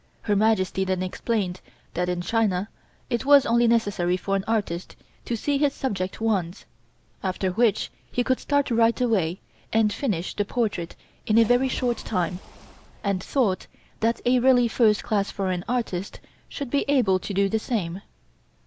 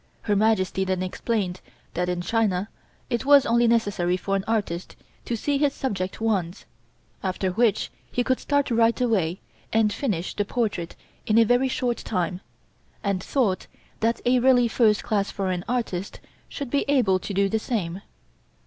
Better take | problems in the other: second | background sound (Splash, splatter); 18 dB below the speech

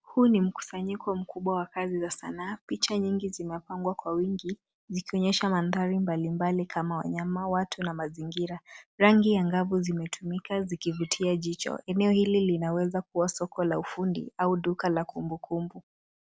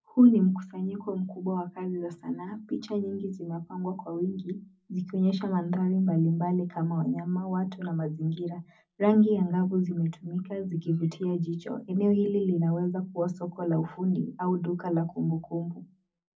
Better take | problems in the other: first | room echo; dies away in 0.4 s

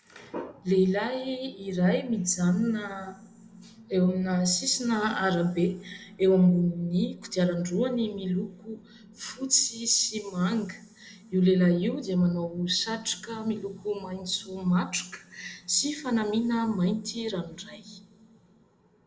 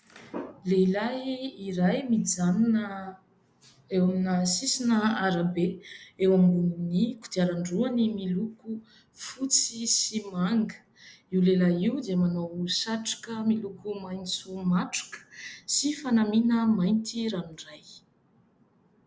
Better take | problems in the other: second | room echo; dies away in 2.3 s

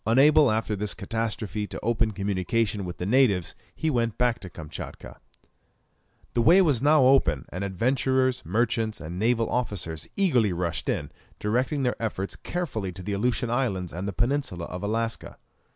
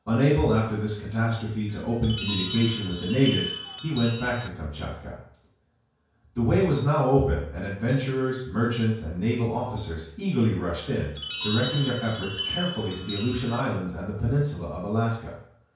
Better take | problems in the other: first | background sound (Chime); 8 dB below the speech // room echo; dies away in 0.5 s

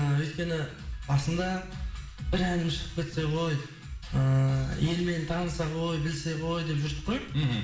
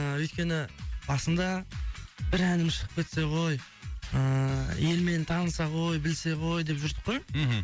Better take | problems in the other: second | room echo; dies away in 0.7 s

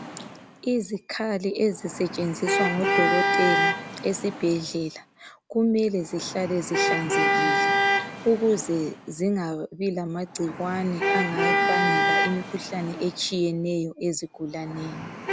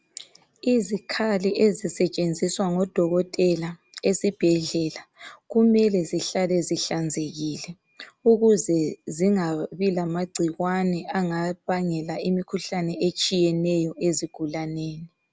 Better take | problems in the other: second | background sound (Traffic noise, roadway noise / Vehicle horn, car horn, honking); as loud as the speech

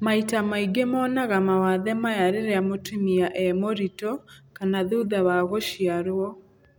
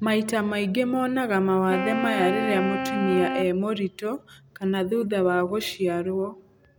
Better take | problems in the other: first | background sound (Wind instrument, woodwind instrument); 5 dB below the speech

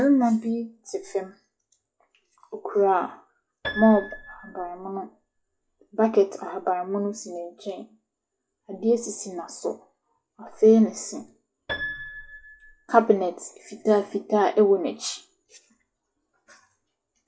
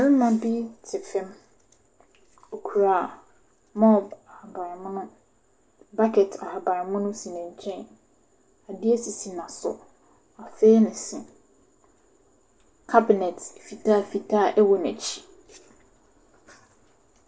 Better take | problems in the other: second | noise reduction (classical method log-MMSE)

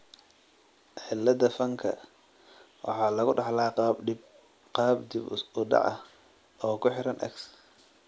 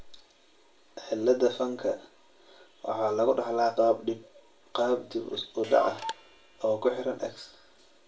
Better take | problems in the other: first | background sound (Clock); 15 dB below the speech // room echo; dies away in 0.2 s

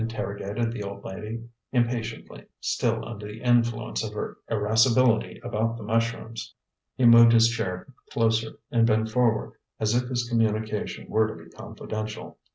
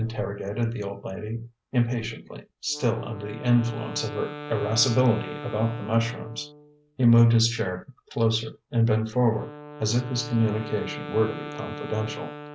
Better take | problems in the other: first | background sound (Wind instrument, woodwind instrument); 14 dB below the speech

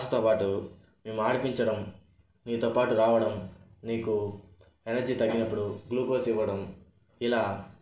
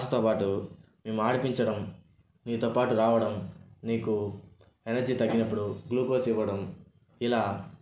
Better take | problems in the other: second | room echo; dies away in 0.2 s

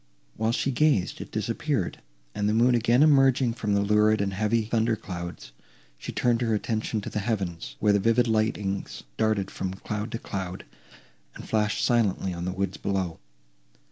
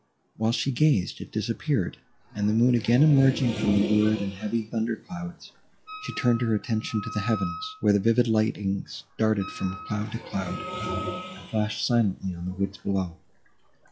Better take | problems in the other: first | noise reduction (classical method log-MMSE)

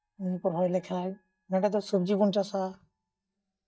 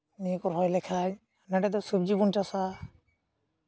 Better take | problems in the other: second | noise reduction (neural mask model DeepFilterNet 3)

